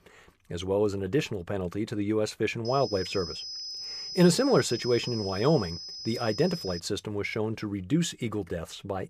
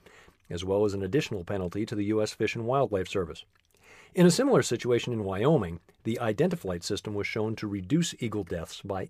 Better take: second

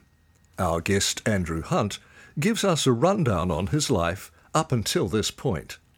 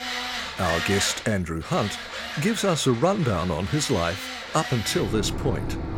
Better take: first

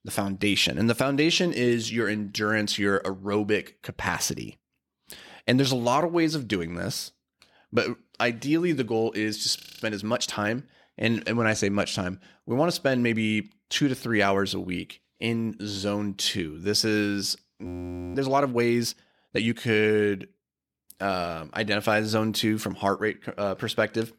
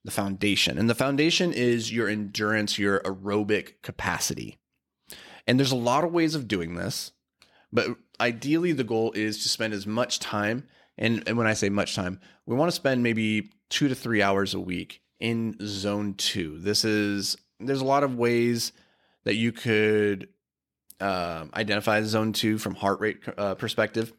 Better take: second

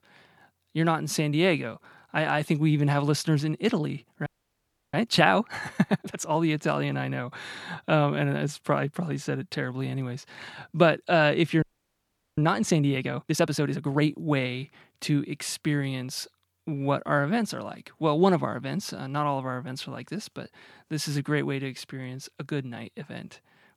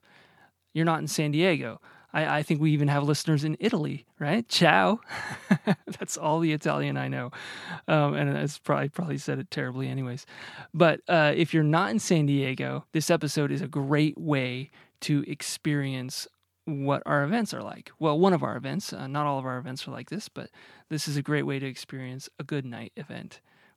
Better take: second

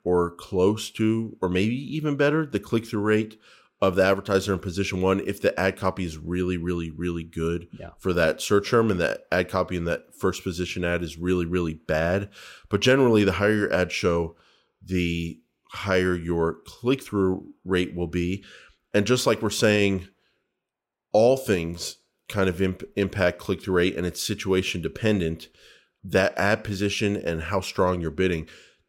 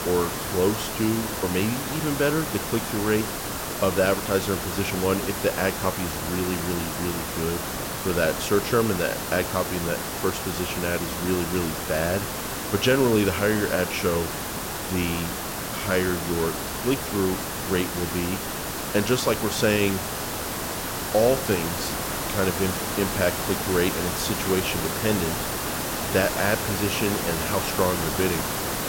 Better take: first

